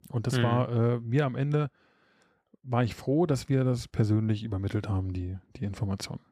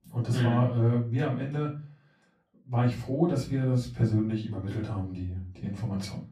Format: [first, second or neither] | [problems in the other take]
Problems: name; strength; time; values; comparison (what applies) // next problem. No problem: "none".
first | off-mic speech; far // room echo; slight; dies away in 0.3 s